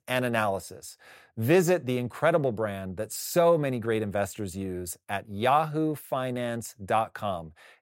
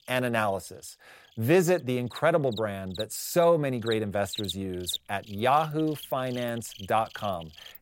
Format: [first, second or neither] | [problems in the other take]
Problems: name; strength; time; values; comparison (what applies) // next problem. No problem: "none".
first | animal sounds; noticeable; throughout; 15 dB below the speech